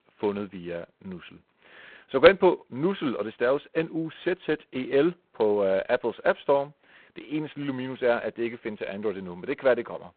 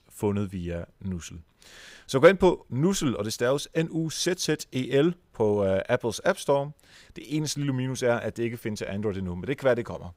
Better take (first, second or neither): second